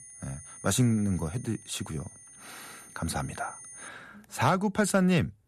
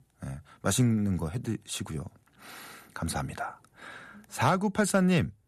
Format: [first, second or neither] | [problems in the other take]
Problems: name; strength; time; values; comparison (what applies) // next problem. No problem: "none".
second | high-pitched whine; noticeable; until 4 s; 9.5 kHz, 15 dB below the speech